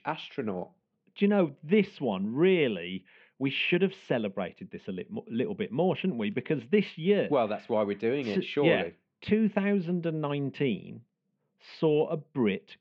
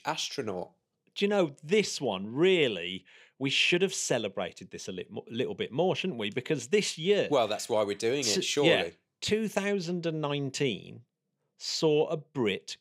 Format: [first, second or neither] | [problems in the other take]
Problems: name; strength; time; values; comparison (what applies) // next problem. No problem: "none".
second | muffled; very; fading above 2.5 kHz